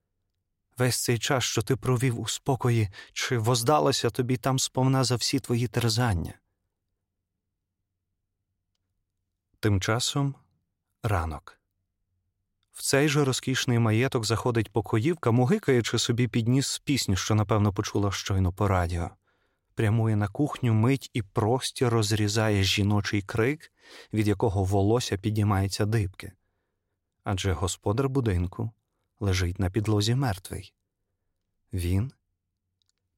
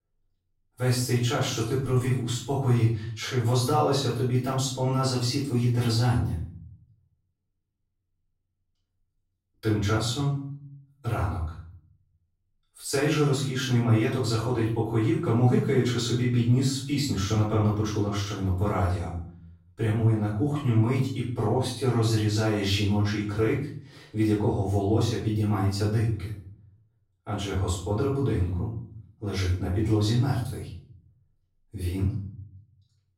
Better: first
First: none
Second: off-mic speech; far // room echo; noticeable; dies away in 0.6 s

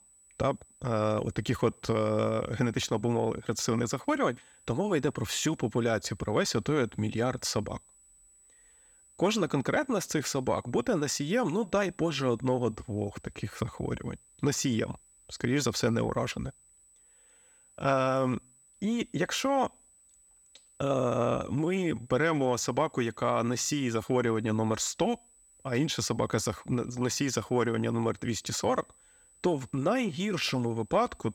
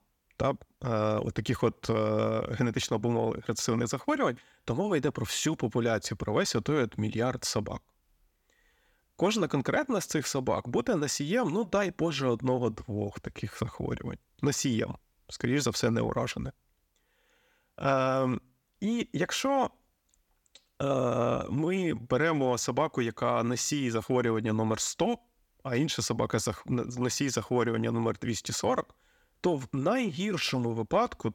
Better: second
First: high-pitched whine; faint; throughout; 8 kHz, 30 dB below the speech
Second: none

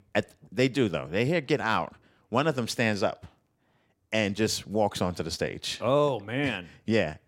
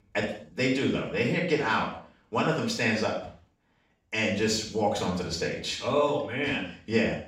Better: first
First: none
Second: room echo; noticeable; dies away in 0.5 s // off-mic speech; far

